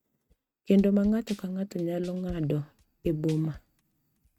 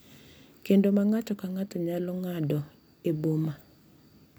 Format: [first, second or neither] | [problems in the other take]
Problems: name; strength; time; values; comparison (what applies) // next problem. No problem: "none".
second | noise reduction (neural mask model RNNoise)